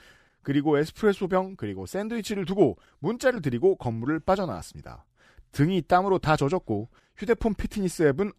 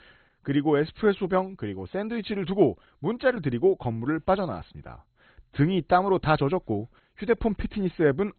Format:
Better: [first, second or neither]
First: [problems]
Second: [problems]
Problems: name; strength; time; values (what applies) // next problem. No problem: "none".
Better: first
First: none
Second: garbled, watery; badly; nothing above 4 kHz